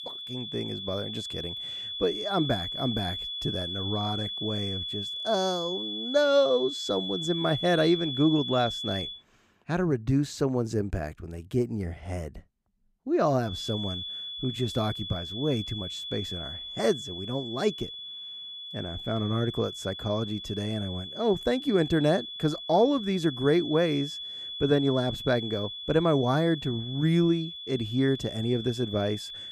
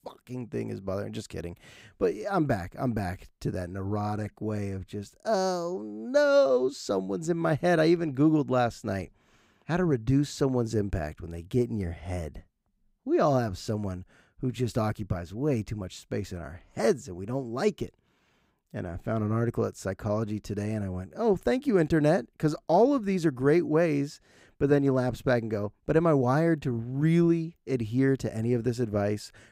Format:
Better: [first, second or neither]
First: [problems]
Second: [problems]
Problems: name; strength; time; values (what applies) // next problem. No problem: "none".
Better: second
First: high-pitched whine; loud; until 9 s and from 14 s on; 3.5 kHz, 6 dB below the speech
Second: none